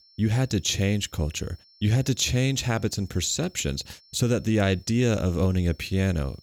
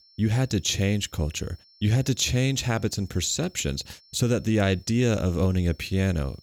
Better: neither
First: high-pitched whine; faint; throughout; 5.5 kHz, 30 dB below the speech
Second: high-pitched whine; faint; throughout; 5.5 kHz, 30 dB below the speech

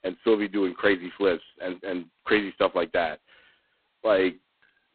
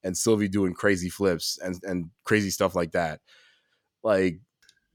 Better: second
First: phone-call audio; poor line; nothing above 4 kHz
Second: none

